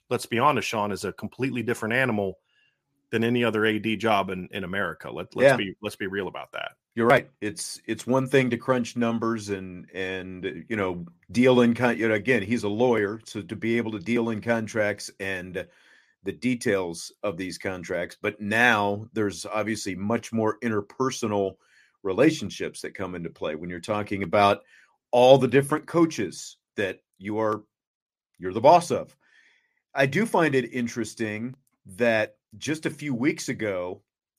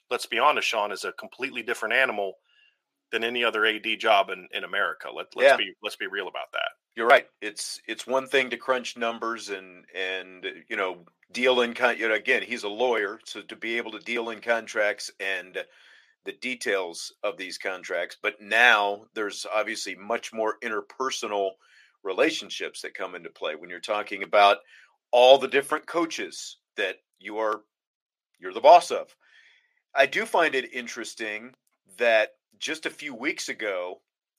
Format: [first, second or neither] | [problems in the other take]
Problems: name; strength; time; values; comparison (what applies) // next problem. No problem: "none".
first | thin; very; fading below 500 Hz